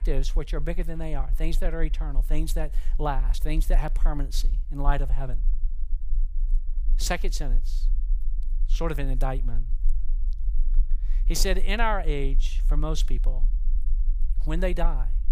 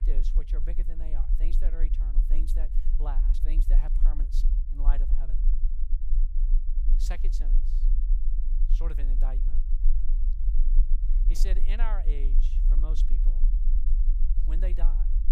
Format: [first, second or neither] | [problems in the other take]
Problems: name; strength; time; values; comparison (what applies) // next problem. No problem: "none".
first | low rumble; loud; throughout; 8 dB below the speech; faint in the first